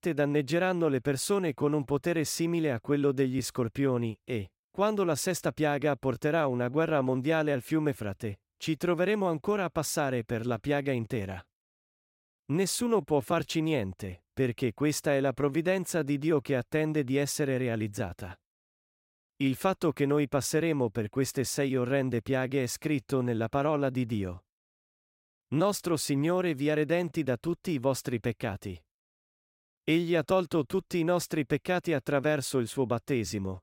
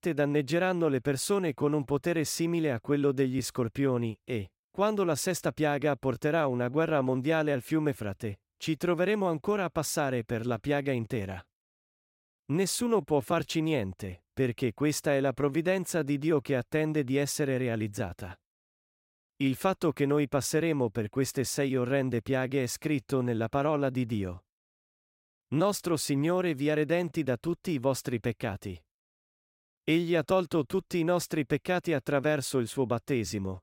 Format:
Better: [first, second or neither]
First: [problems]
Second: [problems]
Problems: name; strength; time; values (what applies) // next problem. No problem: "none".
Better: neither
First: none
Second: none